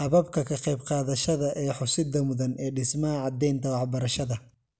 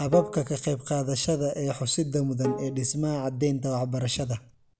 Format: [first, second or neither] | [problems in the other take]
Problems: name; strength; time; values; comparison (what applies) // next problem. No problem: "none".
first | background sound (Bowed string instrument); 13 dB below the speech